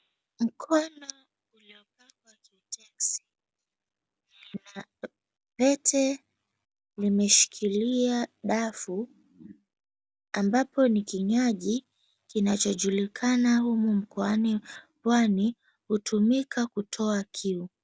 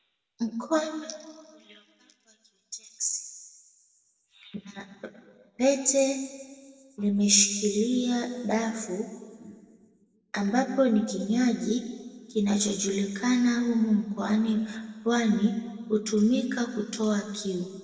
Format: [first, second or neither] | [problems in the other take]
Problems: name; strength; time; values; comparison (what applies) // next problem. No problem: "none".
first | room echo; dies away in 1.4 s